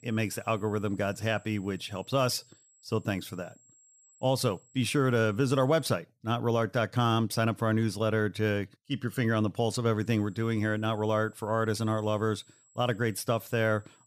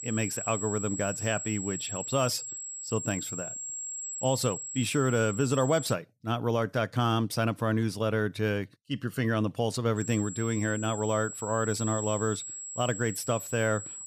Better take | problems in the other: first | high-pitched whine; loud; until 6 s and from 10 s on; 7.5 kHz, 6 dB below the speech; faint in the first

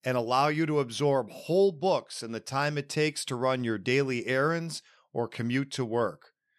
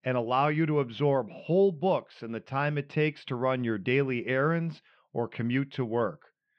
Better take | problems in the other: first | muffled; very; fading above 3 kHz

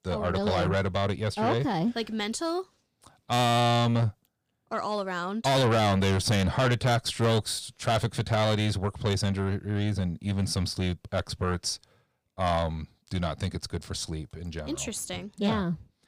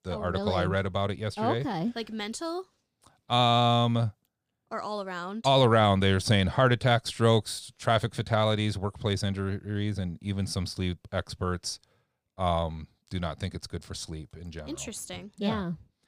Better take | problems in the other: second | distortion; heavy; 7 dB below the speech

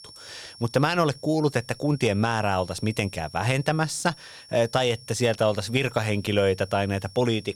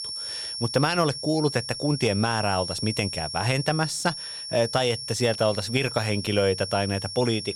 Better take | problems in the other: first | high-pitched whine; loud; throughout; 5.5 kHz, 6 dB below the speech; faint in the first

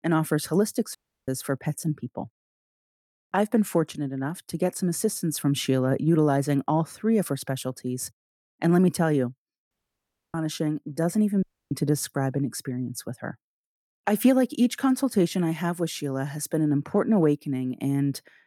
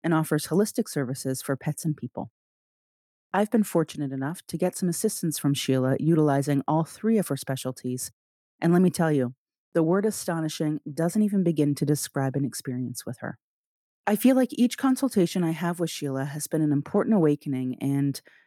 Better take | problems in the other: second | audio cutting out; at 1 s, at 9.5 s for 0.5 s and at 11 s

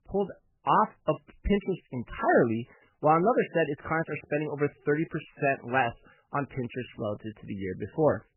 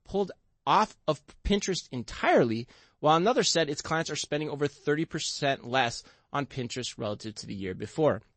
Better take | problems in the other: second | garbled, watery; badly; nothing above 3 kHz; slightly in the second

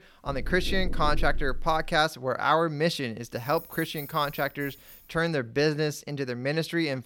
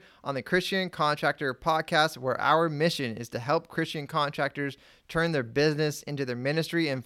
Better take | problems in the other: second | door banging; noticeable; until 2 s; peak 7 dB below the speech // jangling keys; faint; from 3 to 5 s; peak 10 dB below the speech

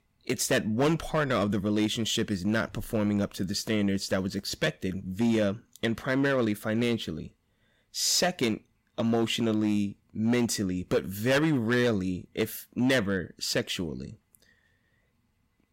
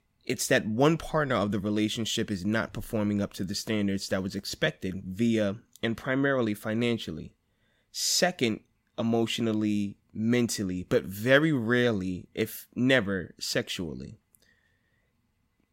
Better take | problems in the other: second | distortion; slight; 5% of the sound clipped

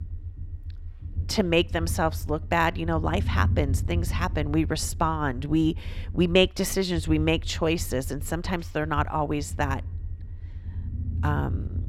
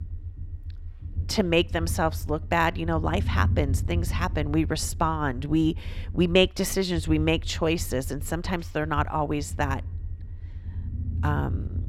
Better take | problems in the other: neither | low rumble; faint; throughout; 20 dB below the speech; the same in both

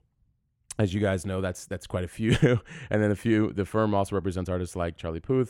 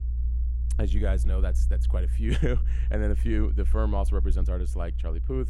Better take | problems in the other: first | low rumble; noticeable; throughout; 10 dB below the speech

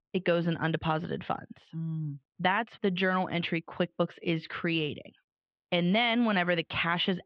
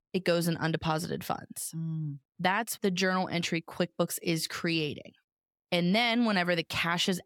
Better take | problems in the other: second | muffled; very; fading above 3.5 kHz

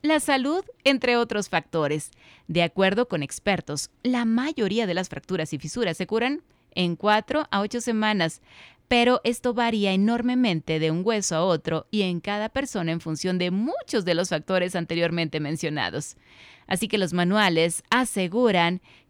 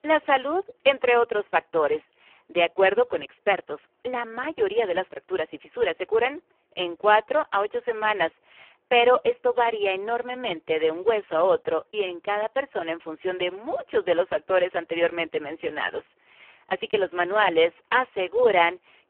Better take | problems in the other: first | phone-call audio; poor line; nothing above 3 kHz

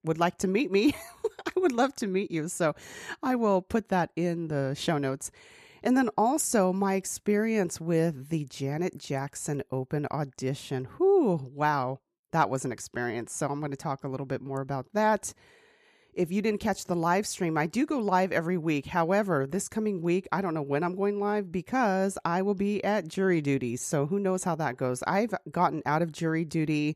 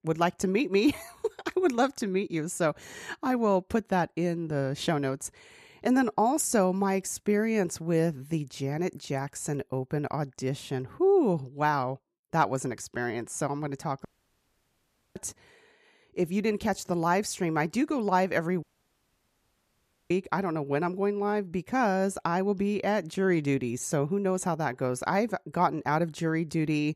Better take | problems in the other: first | audio cutting out; at 14 s for 1 s and at 19 s for 1.5 s

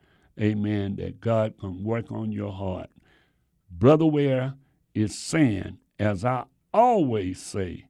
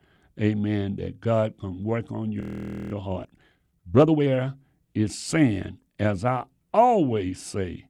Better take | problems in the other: first | audio freezing; at 2.5 s for 0.5 s

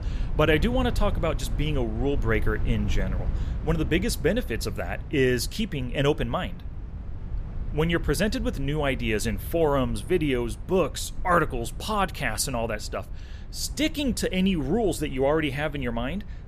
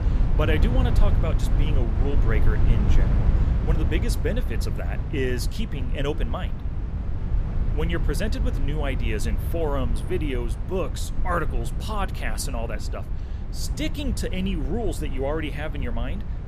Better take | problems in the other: first | low rumble; loud; throughout; 8 dB below the speech; faint in the first

